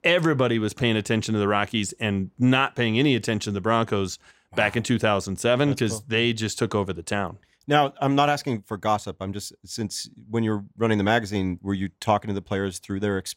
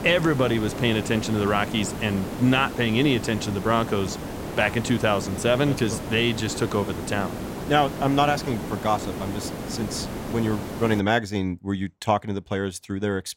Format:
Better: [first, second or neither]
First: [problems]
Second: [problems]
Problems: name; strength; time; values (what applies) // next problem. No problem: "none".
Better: first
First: none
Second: hiss; loud; until 11 s; 8 dB below the speech